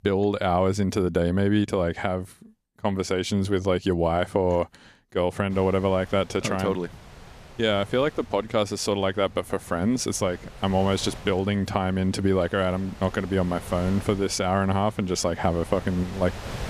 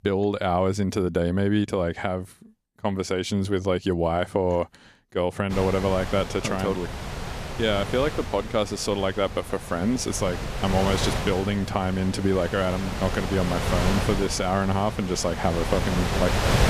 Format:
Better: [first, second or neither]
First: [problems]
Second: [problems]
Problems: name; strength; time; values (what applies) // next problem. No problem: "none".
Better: first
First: wind noise on the microphone; occasional gusts; from 5.5 s on; 20 dB below the speech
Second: wind noise on the microphone; heavy; from 5.5 s on; 5 dB below the speech